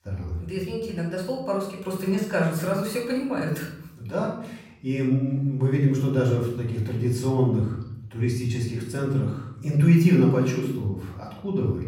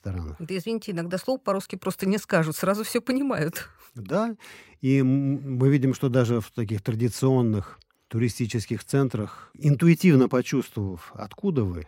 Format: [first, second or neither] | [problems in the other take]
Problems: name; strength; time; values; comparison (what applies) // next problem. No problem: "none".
second | off-mic speech; far // room echo; noticeable; dies away in 0.7 s